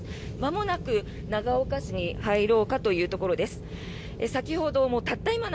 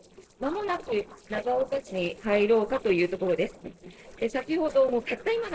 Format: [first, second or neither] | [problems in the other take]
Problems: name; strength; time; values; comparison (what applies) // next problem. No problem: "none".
first | noise reduction (neural separator model SepFormer DNS4)